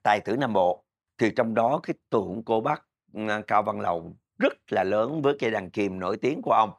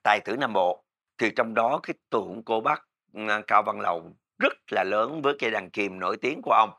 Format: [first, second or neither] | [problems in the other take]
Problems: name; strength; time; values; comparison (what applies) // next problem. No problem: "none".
first | thin; very slightly; fading below 650 Hz